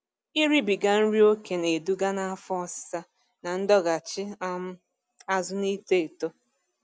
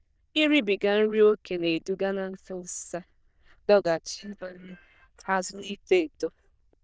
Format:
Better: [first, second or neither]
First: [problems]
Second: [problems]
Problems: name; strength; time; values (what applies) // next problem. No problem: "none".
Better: first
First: none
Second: noise reduction (neural diffusion model UNIVERSE++)